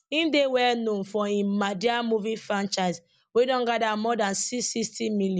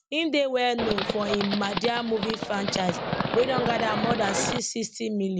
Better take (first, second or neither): first